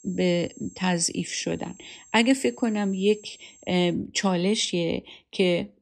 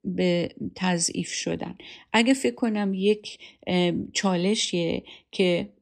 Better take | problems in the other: second | high-pitched whine; faint; until 4 s; 7.5 kHz, 25 dB below the speech

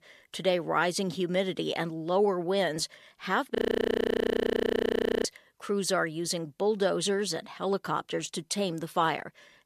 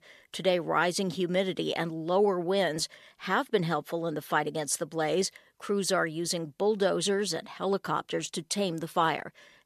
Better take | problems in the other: second | audio freezing; at 3.5 s for 1.5 s

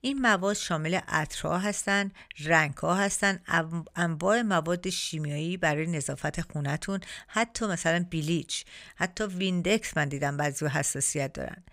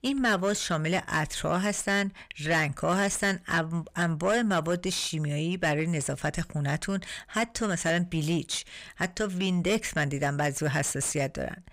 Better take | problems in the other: first | distortion; slight; 10 dB below the speech

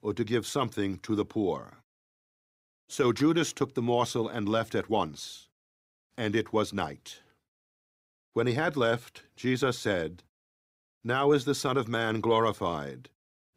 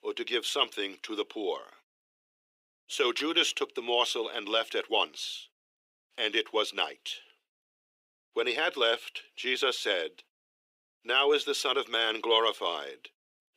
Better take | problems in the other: first | thin; very; fading below 400 Hz

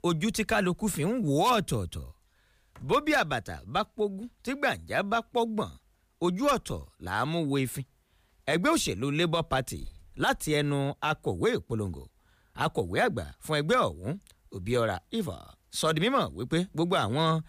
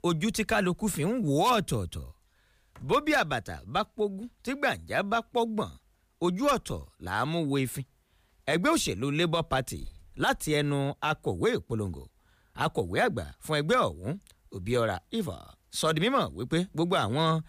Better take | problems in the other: neither | none

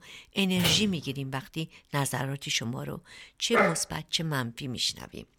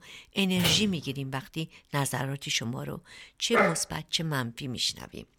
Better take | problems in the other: neither | door banging; noticeable; at 0.5 s; peak 2 dB below the speech; the same in both // dog barking; loud; at 3.5 s; peak 4 dB above the speech; the same in both

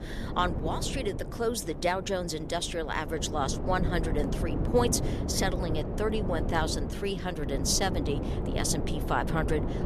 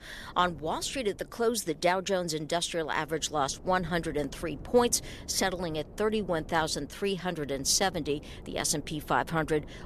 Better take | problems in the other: second | wind noise on the microphone; heavy; 8 dB below the speech; occasional gusts in the second

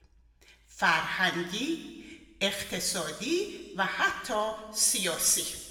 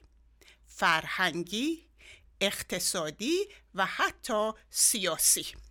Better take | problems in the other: second | room echo; noticeable; dies away in 1.2 s // off-mic speech; somewhat distant

